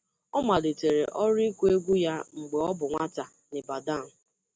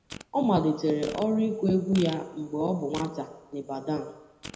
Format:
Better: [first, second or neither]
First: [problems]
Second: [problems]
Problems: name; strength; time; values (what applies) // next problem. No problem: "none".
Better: first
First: none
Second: background sound (Fart); 18 dB below the speech // room echo; dies away in 0.8 s